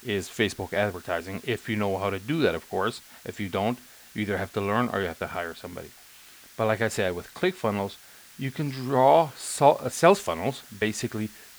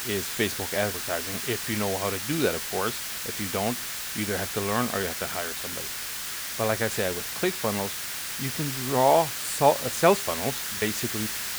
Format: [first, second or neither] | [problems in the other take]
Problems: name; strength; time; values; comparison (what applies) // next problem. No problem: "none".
first | hiss; loud; throughout; 2 dB below the speech; faint in the first